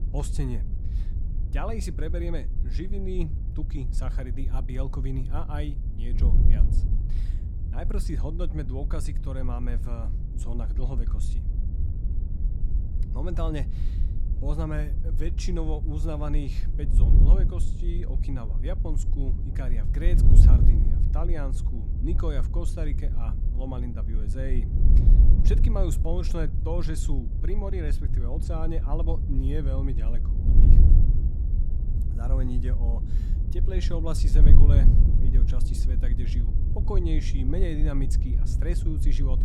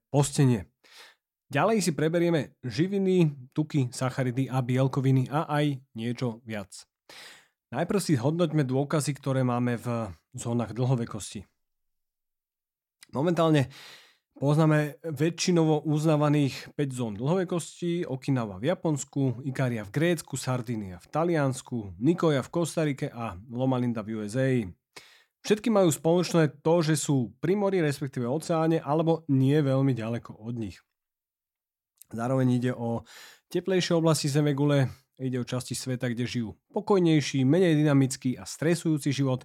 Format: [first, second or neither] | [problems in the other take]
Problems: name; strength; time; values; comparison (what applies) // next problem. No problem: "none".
second | wind noise on the microphone; heavy; 5 dB below the speech